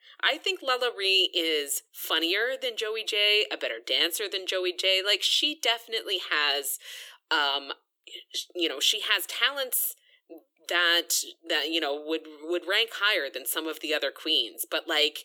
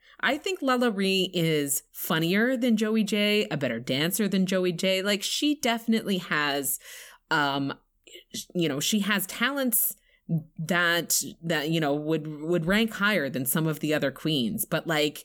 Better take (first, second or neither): second